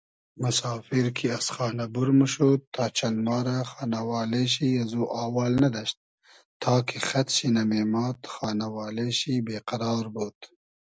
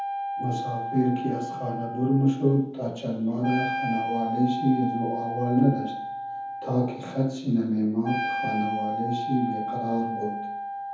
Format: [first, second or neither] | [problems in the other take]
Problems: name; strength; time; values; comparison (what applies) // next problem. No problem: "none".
first | background sound (Wind instrument, woodwind instrument); 5 dB below the speech // room echo; dies away in 0.7 s